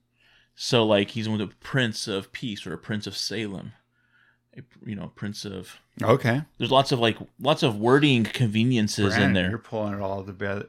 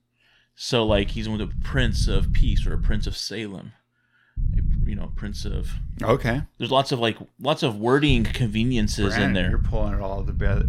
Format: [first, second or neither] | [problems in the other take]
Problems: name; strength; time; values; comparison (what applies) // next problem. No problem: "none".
first | low rumble; noticeable; from 1 to 3 s, from 4.5 to 6.5 s and from 8 s on; 20 dB below the speech